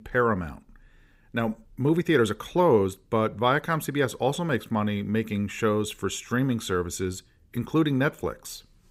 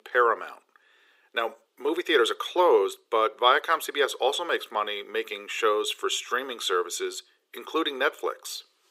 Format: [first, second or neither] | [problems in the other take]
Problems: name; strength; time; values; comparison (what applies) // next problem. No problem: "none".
first | thin; very; fading below 400 Hz